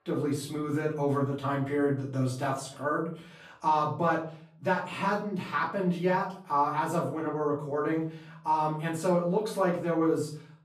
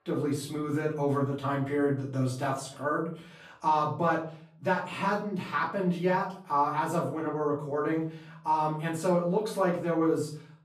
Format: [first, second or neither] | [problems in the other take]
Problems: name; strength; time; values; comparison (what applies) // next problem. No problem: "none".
neither | off-mic speech; far; the same in both // room echo; slight; dies away in 0.4 s; the same in both